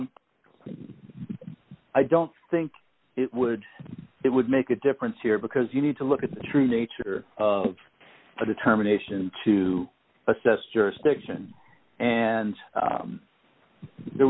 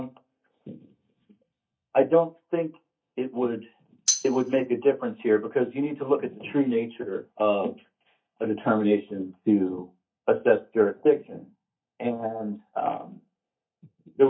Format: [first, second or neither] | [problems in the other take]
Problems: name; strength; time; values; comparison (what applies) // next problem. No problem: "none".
first | noise reduction (neural mask model DeepFilterNet 3)